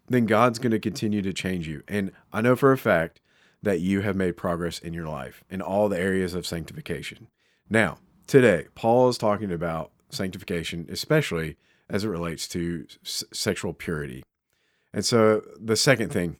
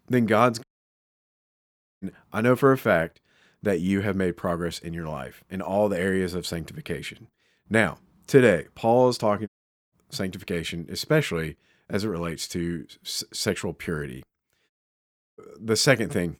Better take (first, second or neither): first